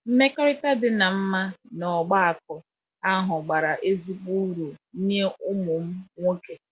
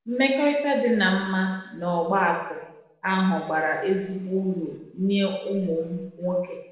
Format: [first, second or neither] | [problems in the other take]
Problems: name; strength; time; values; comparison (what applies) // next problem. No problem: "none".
first | room echo; dies away in 1 s